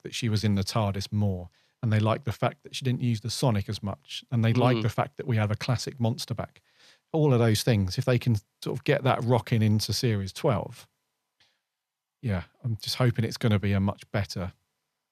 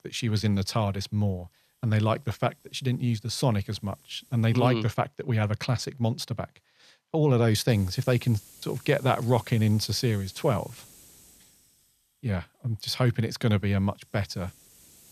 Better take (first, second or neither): first